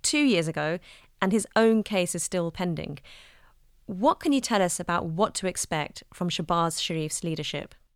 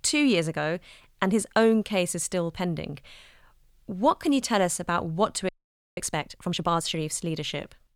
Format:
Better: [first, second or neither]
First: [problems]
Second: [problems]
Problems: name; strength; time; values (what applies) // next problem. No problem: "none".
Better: first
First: none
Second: audio freezing; at 5.5 s